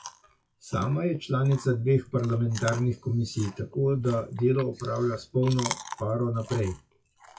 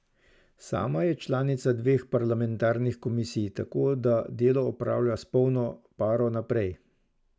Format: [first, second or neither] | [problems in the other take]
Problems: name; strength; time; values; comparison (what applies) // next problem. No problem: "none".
second | noise reduction (classical method WPE with log-MMSE)